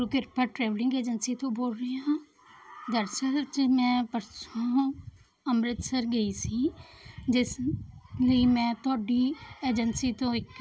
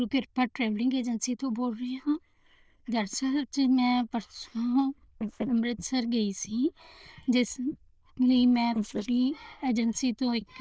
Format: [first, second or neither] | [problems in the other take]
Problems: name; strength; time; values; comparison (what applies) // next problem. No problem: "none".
first | noise reduction (neural diffusion model UNIVERSE++)